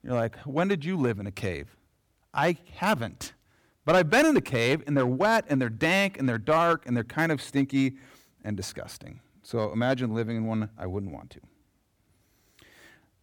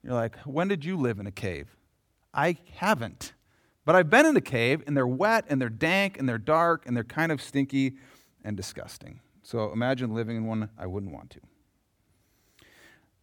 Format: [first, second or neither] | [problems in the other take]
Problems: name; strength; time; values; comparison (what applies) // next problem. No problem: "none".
second | distortion; slight; 2% of the sound clipped